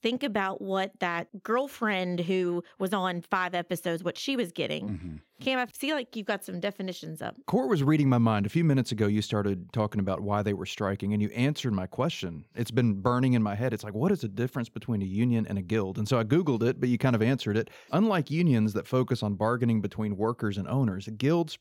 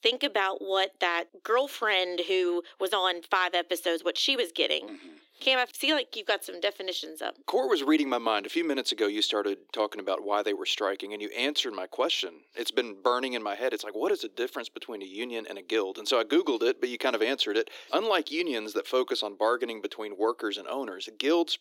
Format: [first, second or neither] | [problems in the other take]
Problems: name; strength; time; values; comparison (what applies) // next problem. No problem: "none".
first | thin; very; fading below 300 Hz